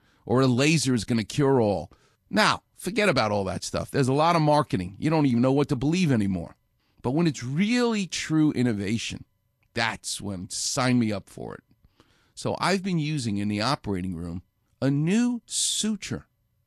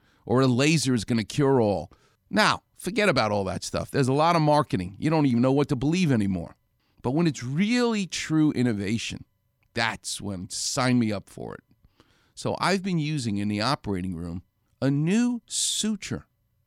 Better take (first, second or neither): second